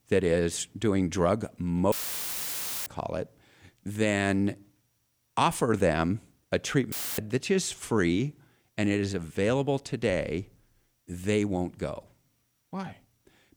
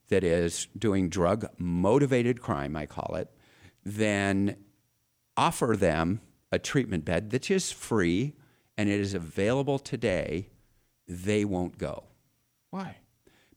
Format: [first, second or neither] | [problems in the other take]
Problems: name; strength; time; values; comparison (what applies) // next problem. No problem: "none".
second | audio cutting out; filled with static; at 2 s for 1 s and at 7 s